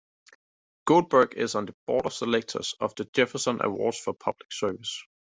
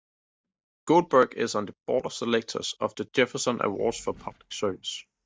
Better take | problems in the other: first | noise reduction (neural mask model DeepFilterNet 3)

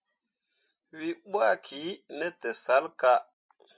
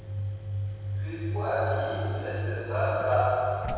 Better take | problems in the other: first | background sound (Slam / Engine); 2 dB below the speech // room echo; dies away in 2.2 s

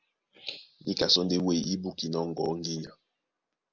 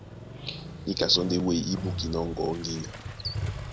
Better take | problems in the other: first | background sound (Motorcycle); 6 dB below the speech

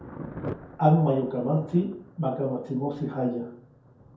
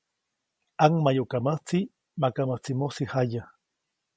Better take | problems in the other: second | background sound (Thunder); 15 dB below the speech // room echo; dies away in 0.6 s

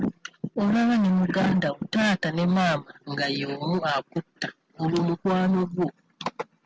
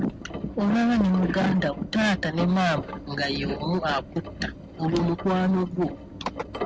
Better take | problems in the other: first | background sound (Engine); 11 dB below the speech

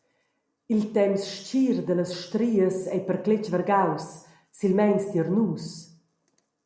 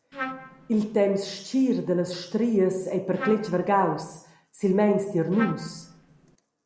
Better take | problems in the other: first | background sound (Trumpet); 12 dB below the speech

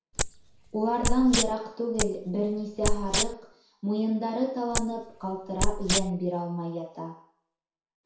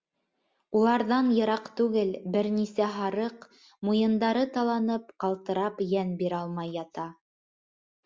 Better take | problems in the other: second | background sound (Wild animals); 1 dB above the speech // room echo; dies away in 0.6 s

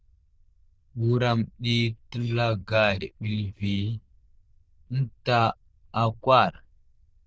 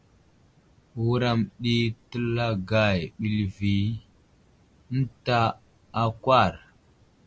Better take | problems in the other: second | noise reduction (neural diffusion model UNIVERSE++)

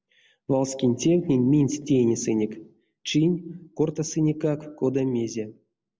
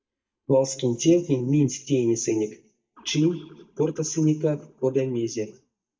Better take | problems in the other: first | noise reduction (neural mask model DeepFilterNet 3)

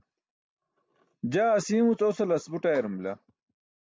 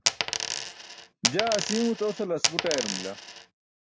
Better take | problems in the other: first | background sound (Coin (dropping)); 1 dB above the speech

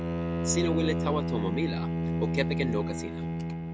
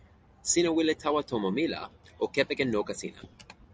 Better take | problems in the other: second | background sound (Bowed string instrument); 3 dB above the speech

